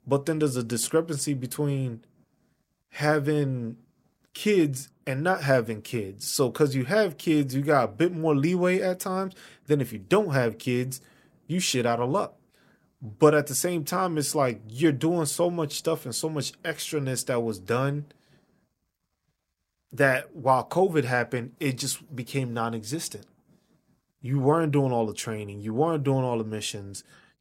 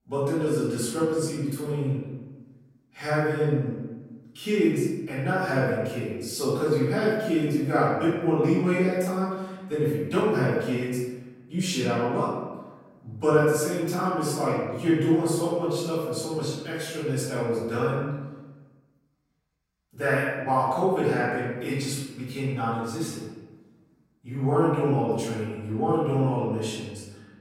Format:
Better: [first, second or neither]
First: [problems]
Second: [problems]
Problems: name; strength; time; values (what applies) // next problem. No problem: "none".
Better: first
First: none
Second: off-mic speech; far // room echo; strong; dies away in 1.1 s